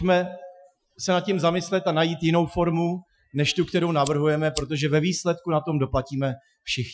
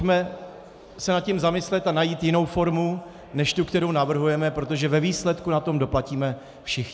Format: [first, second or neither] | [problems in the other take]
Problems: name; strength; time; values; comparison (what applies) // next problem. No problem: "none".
second | noise reduction (classical method Wiener filter)